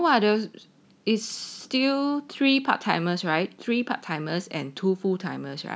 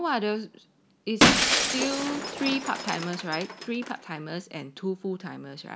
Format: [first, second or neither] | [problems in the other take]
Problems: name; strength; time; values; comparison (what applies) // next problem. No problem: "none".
first | background sound (Shatter); 2 dB above the speech